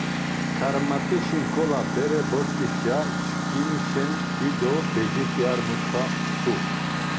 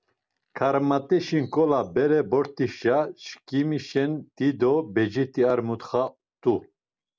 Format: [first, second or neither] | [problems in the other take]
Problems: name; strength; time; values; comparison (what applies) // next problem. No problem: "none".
second | background sound (Engine); 2 dB above the speech